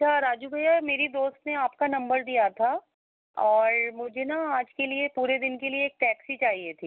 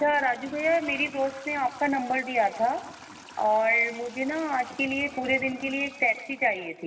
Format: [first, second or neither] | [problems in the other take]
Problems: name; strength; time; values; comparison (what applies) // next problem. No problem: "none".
first | background sound (Trickle, dribble / Toilet flush); 19 dB below the speech // room echo; dies away in 1.7 s